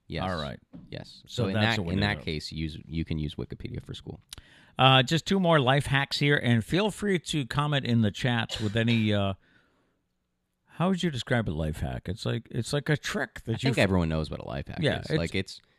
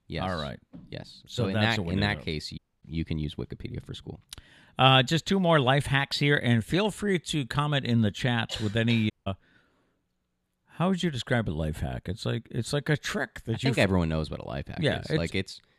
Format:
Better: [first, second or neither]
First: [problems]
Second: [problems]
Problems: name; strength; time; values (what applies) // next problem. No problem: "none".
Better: first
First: none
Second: audio cutting out; at 2.5 s and at 9 s